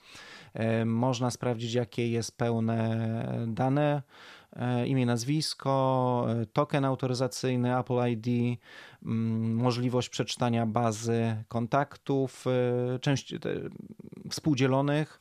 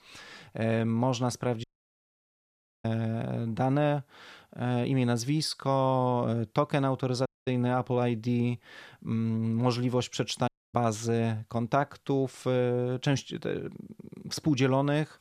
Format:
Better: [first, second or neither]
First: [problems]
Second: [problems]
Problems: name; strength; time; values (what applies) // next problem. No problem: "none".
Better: first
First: none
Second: audio cutting out; at 1.5 s for 1 s, at 7.5 s and at 10 s